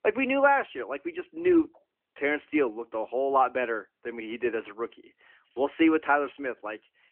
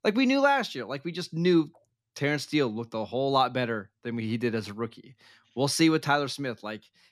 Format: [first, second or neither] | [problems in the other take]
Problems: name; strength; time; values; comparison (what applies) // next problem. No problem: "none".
second | phone-call audio